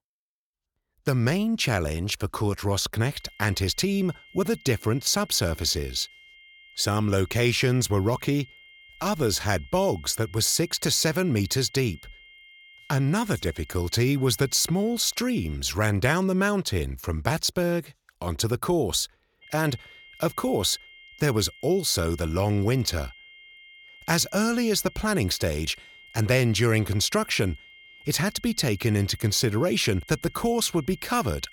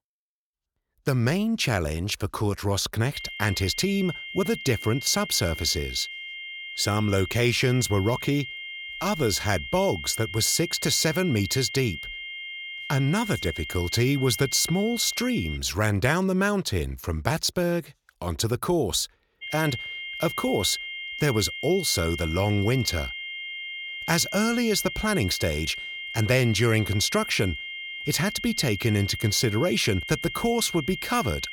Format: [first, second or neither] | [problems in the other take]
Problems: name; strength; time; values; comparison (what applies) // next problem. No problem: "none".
first | high-pitched whine; loud; from 3 to 16 s and from 19 s on; 2 kHz, 9 dB below the speech; faint in the first